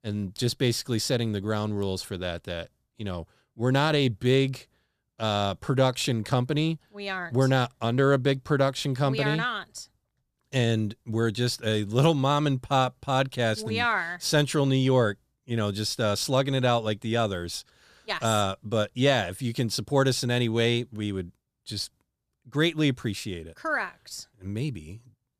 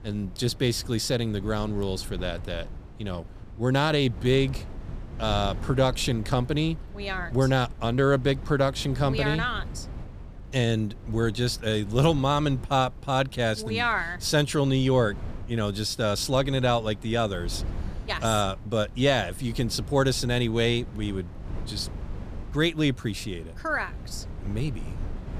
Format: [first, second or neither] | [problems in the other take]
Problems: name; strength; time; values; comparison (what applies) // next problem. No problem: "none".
first | wind noise on the microphone; occasional gusts; 20 dB below the speech